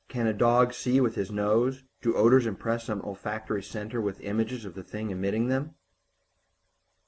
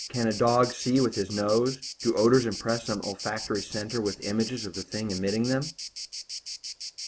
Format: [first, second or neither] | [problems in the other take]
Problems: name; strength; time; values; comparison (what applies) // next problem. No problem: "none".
first | background sound (Insect); 11 dB below the speech